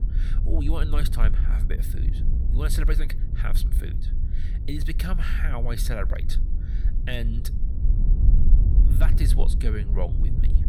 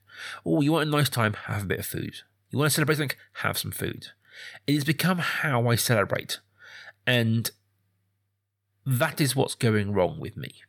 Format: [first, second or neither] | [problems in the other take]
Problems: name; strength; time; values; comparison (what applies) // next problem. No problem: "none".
second | wind noise on the microphone; heavy; 8 dB below the speech